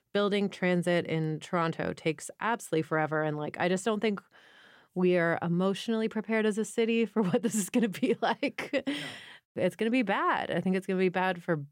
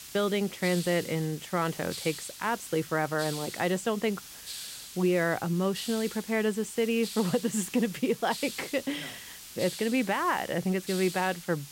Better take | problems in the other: first | hiss; noticeable; throughout; 10 dB below the speech

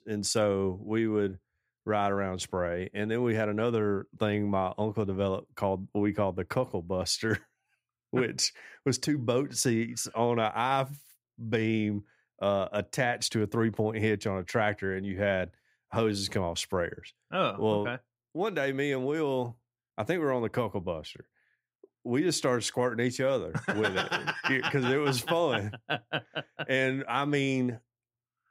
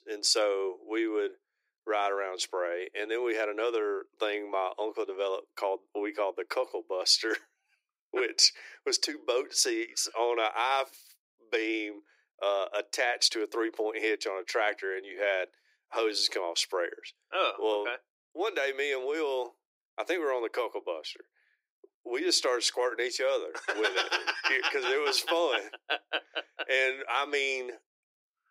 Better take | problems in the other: first | thin; very; fading below 350 Hz

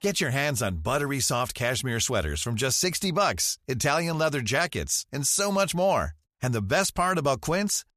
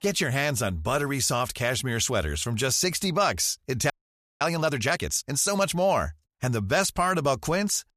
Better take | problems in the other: first | audio freezing; at 4 s for 0.5 s

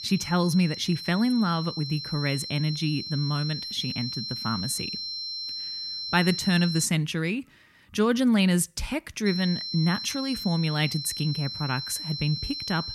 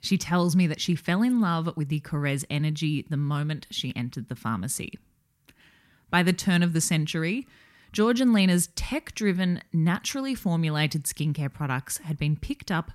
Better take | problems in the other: second | high-pitched whine; loud; until 7 s and from 9.5 s on; 4 kHz, 6 dB below the speech

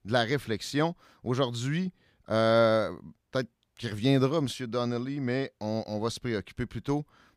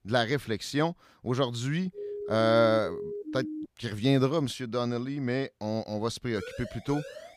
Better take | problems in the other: first | siren; noticeable; from 2 to 3.5 s; peak 8 dB below the speech // siren; faint; from 6.5 s on; peak 15 dB below the speech

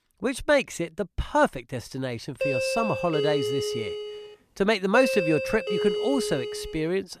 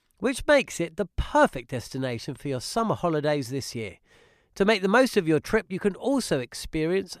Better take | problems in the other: second | doorbell; loud; from 2.5 s on; peak 1 dB above the speech

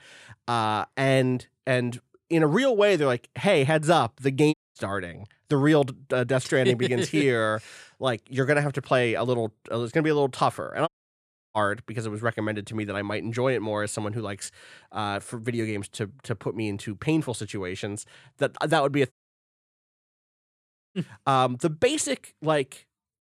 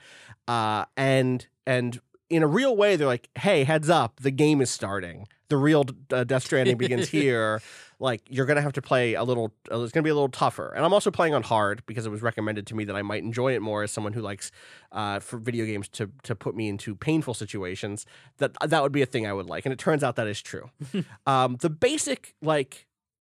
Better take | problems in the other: second | audio cutting out; at 4.5 s, at 11 s for 0.5 s and at 19 s for 2 s

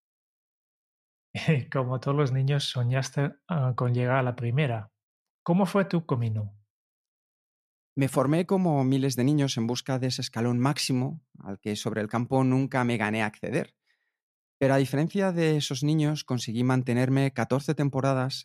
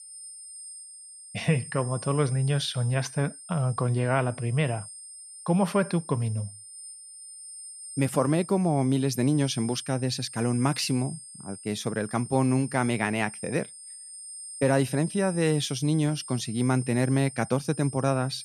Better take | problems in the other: first | high-pitched whine; noticeable; throughout; 8.5 kHz, 15 dB below the speech

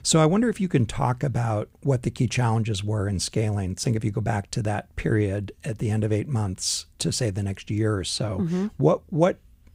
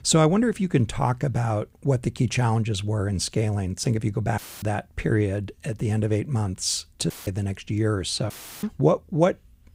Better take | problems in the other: first | audio cutting out; filled with static; at 4.5 s, at 7 s and at 8.5 s

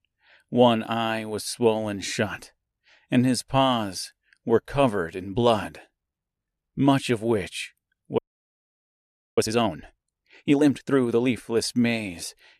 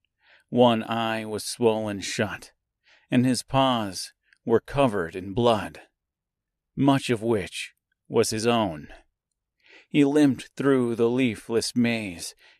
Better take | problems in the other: second | audio freezing; at 8 s for 1 s

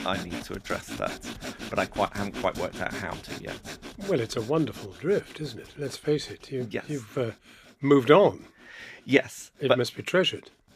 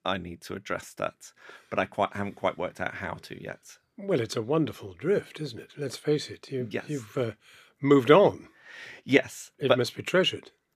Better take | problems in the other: second | machinery noise; noticeable; throughout; 15 dB below the speech

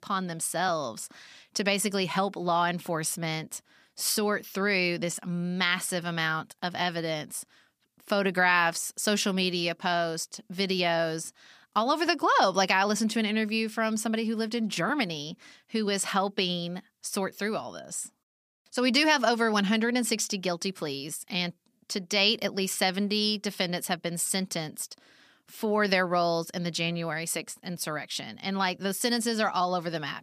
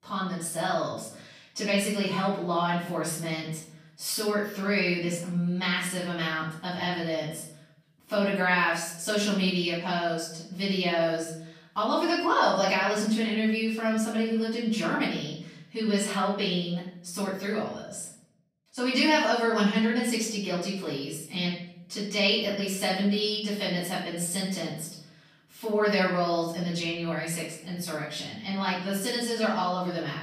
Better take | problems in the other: first | off-mic speech; far // room echo; noticeable; dies away in 0.7 s

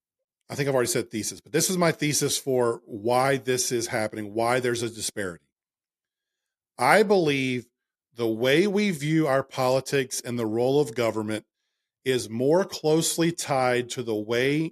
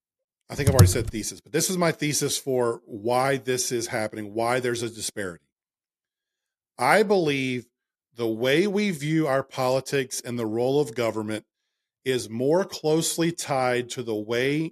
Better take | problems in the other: first | keyboard typing; loud; at 0.5 s; peak 6 dB above the speech

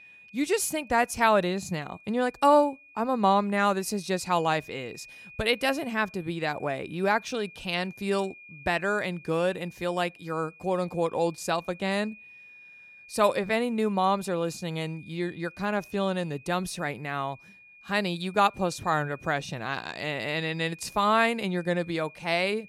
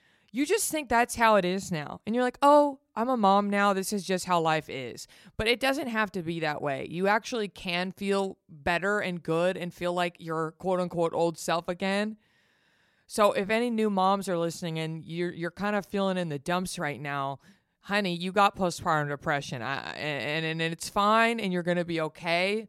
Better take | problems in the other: second | high-pitched whine; faint; throughout; 2.5 kHz, 20 dB below the speech

